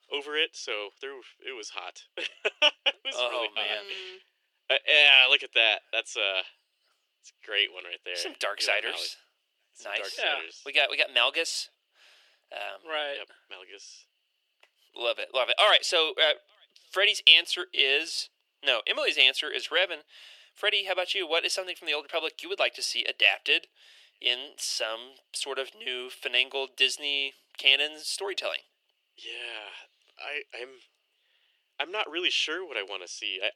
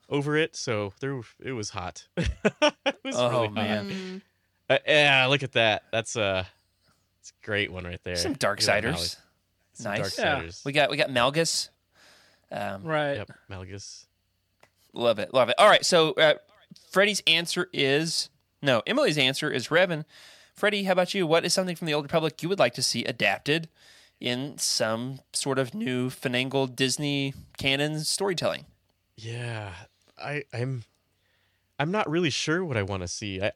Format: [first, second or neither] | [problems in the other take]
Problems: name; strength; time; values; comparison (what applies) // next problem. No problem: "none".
second | thin; very; fading below 350 Hz